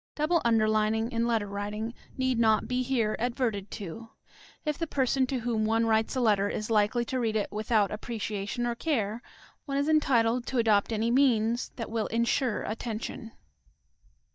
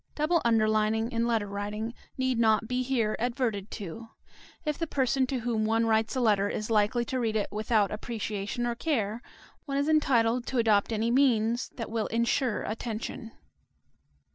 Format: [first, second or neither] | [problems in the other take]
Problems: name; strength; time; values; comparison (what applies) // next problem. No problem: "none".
second | noise reduction (neural mask model DeepFilterNet 3)